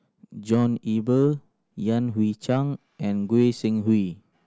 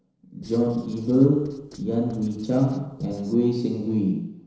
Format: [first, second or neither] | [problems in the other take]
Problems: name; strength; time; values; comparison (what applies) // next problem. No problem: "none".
first | noise reduction (neural separator model SepFormer DNS4)